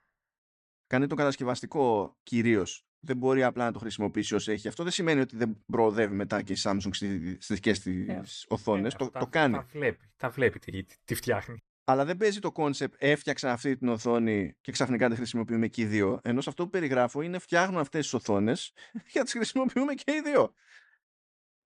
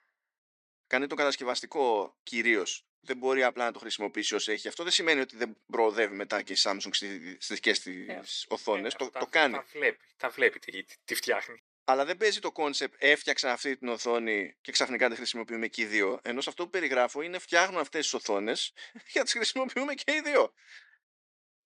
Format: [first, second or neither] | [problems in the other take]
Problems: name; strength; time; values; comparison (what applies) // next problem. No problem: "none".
first | thin; somewhat; fading below 350 Hz